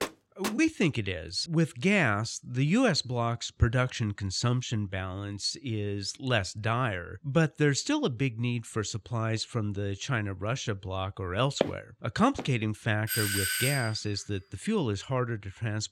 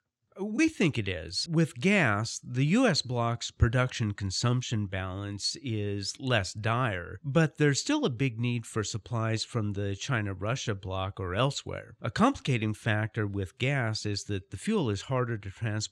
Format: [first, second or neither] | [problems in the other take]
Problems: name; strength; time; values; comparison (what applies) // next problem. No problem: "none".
second | door banging; noticeable; at the start; peak 7 dB below the speech // footsteps; noticeable; at 12 s; peak 3 dB below the speech // doorbell; loud; at 13 s; peak 2 dB above the speech